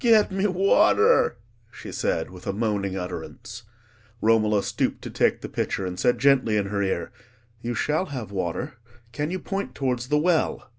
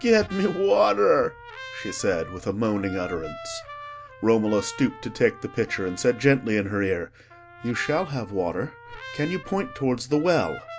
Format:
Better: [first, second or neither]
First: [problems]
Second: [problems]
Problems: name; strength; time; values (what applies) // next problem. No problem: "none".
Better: first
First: none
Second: background sound (Trumpet); 17 dB below the speech